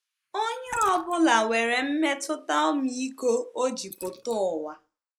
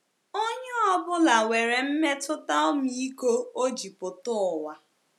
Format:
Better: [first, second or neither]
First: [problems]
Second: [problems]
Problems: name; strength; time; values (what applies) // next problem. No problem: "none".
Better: second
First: noise reduction (neural mask model Resemble Enhance denoiser)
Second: none